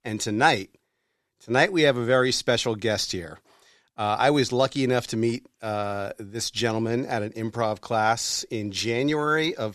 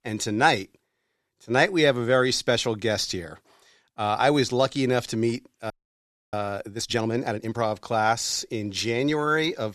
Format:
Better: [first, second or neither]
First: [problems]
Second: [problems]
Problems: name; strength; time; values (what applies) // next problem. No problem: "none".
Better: first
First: none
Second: audio freezing; at 5.5 s for 0.5 s